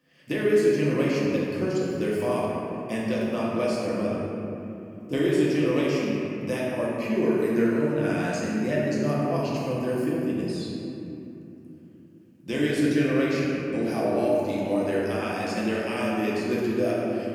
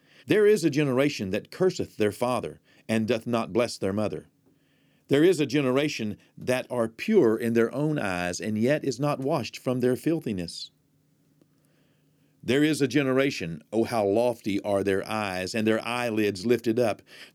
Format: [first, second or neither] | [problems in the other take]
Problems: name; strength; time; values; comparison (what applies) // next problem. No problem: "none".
second | room echo; strong; dies away in 2.7 s // off-mic speech; far